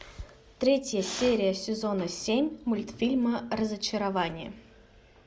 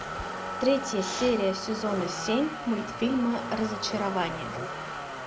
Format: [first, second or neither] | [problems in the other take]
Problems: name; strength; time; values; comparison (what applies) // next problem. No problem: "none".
first | background sound (Motor vehicle (road)); 6 dB below the speech